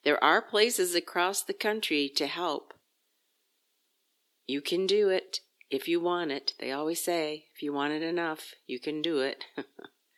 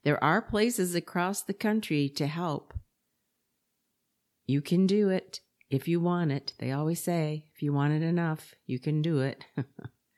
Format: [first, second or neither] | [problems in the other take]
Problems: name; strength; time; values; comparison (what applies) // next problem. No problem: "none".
second | thin; somewhat; fading below 350 Hz